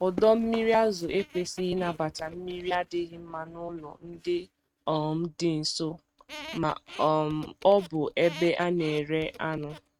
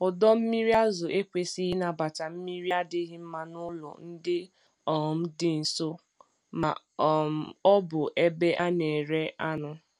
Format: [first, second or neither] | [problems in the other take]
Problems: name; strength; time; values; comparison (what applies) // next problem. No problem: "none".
second | noise reduction (neural mask model RNNoise)